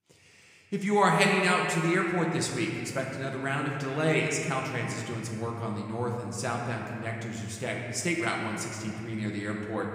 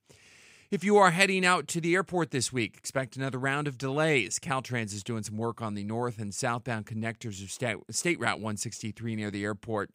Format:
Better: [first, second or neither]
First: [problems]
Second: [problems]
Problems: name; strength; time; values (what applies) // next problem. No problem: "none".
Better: second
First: room echo; noticeable; dies away in 2.3 s // off-mic speech; somewhat distant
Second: none